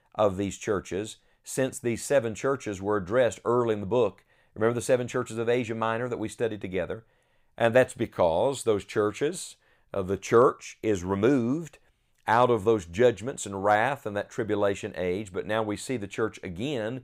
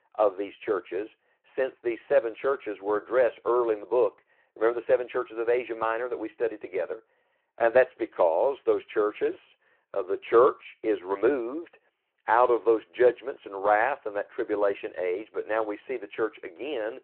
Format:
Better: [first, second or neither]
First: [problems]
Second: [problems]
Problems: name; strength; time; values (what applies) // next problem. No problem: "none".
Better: first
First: none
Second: phone-call audio